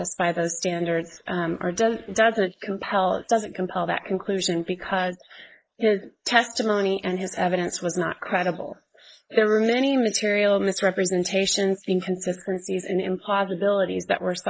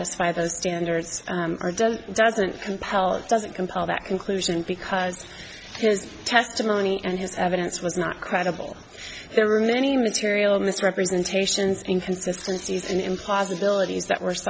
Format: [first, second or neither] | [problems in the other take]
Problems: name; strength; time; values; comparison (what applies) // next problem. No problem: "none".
second | noise reduction (neural mask model Resemble Enhance denoiser)